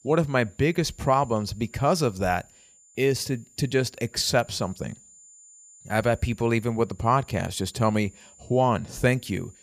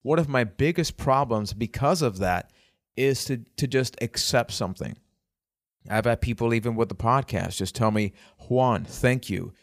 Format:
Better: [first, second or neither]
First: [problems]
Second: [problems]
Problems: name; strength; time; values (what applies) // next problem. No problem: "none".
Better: second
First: high-pitched whine; faint; throughout; 7 kHz, 25 dB below the speech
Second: none